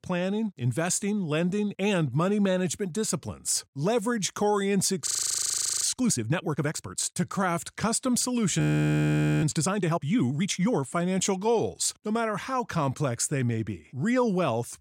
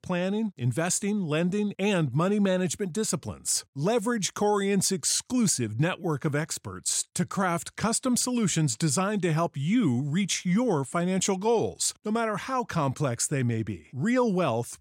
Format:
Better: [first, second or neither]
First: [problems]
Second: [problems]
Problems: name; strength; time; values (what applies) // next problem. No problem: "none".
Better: second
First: audio freezing; at 5 s for 1 s and at 8.5 s for 1 s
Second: none